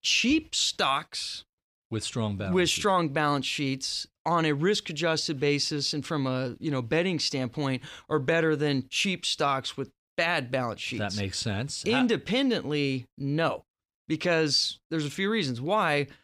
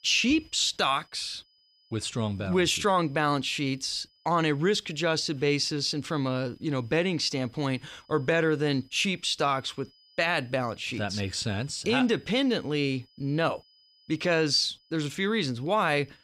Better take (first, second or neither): first